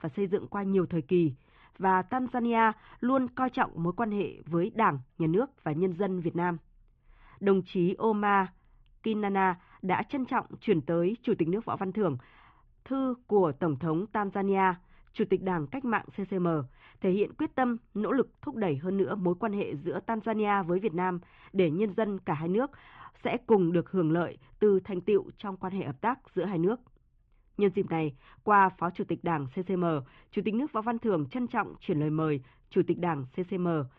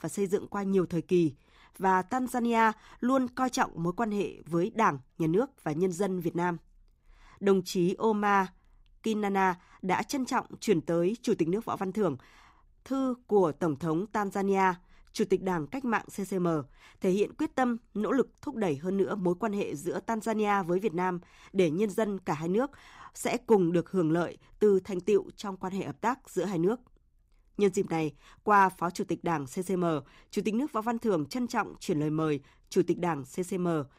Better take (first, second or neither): second